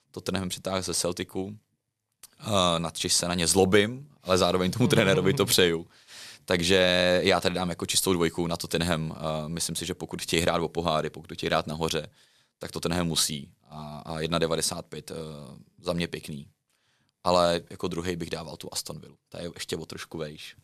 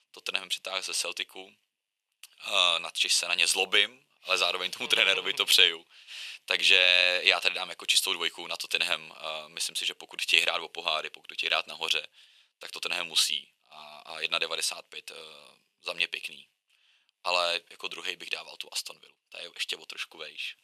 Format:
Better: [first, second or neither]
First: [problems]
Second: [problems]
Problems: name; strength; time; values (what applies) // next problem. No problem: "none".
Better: first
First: none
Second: thin; very; fading below 700 Hz